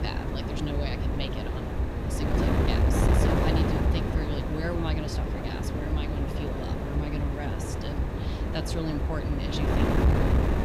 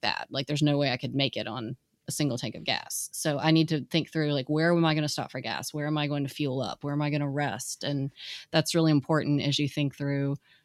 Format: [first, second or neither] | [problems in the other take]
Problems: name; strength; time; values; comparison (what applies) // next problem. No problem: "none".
second | wind noise on the microphone; heavy; 5 dB above the speech